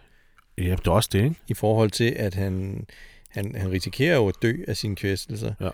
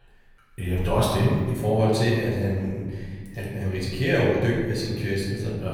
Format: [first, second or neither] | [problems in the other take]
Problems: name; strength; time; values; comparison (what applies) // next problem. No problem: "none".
first | room echo; noticeable; dies away in 1.5 s // off-mic speech; far